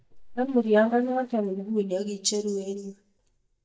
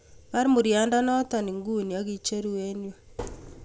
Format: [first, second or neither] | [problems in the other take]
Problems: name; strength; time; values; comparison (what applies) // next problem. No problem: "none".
second | noise reduction (neural mask model DeepFilterNet 3)